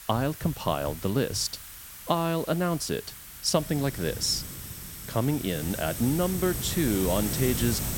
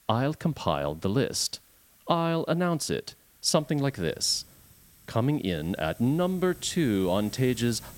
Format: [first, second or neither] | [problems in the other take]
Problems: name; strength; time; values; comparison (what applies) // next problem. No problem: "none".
second | hiss; loud; throughout; 7 dB below the speech; faint in the second